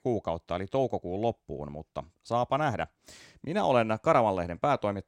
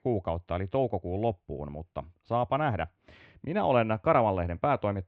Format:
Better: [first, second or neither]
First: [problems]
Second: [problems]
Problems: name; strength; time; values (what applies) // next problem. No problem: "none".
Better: first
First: none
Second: muffled; very; fading above 3 kHz